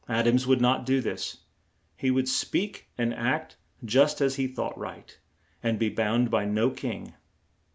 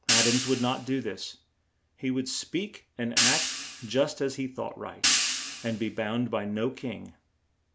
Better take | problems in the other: first | background sound (Hi-hat); 1 dB above the speech

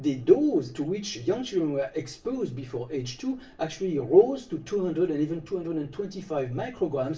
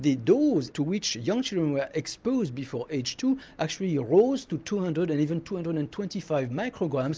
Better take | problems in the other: second | room echo; dies away in 0.3 s

